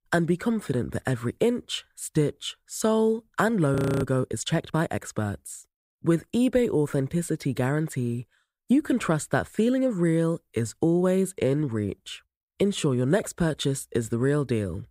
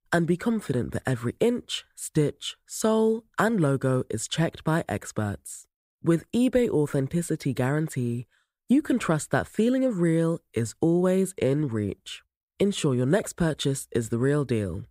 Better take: second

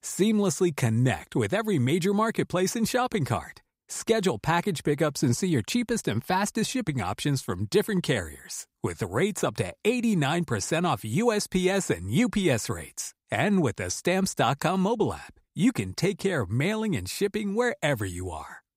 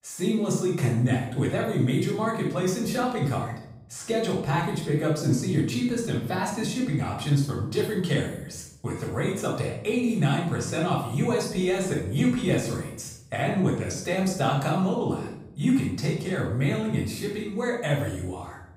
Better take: first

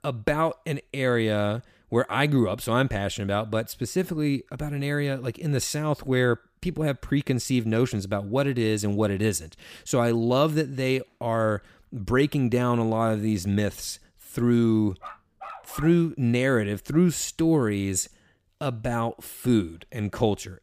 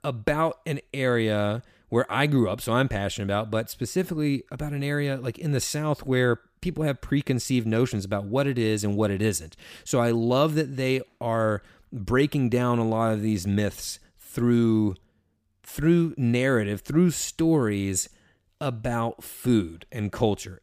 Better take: second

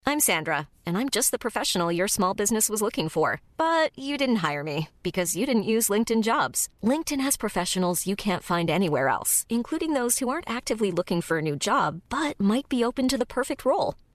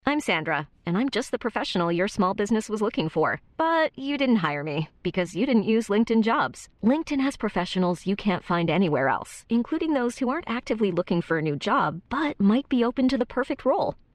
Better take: first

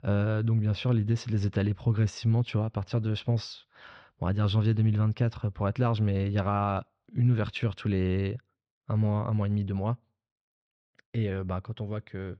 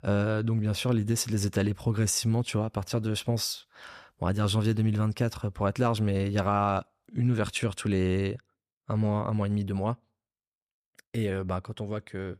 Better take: second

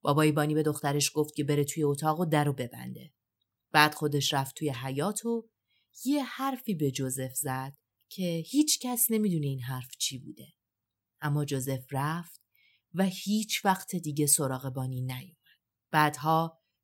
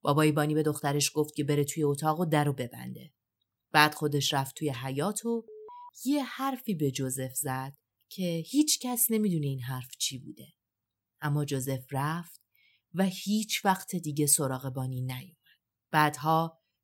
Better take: first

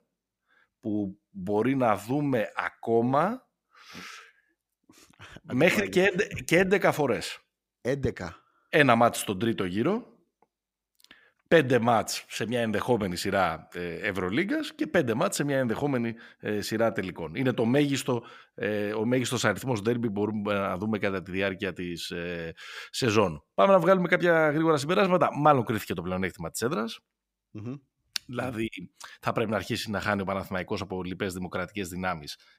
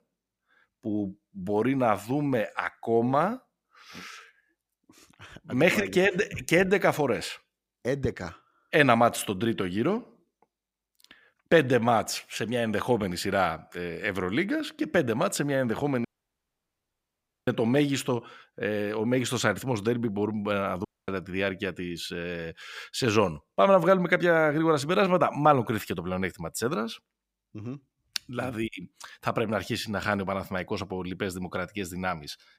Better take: first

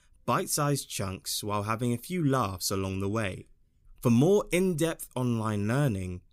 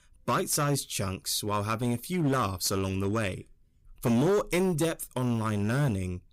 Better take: first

